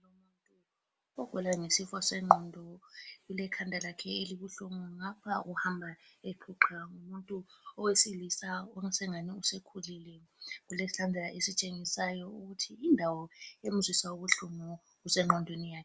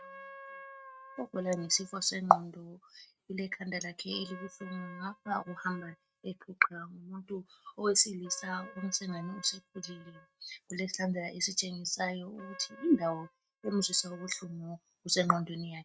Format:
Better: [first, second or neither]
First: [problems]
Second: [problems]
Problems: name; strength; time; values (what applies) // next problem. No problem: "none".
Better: first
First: none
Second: noise reduction (neural mask model RNNoise)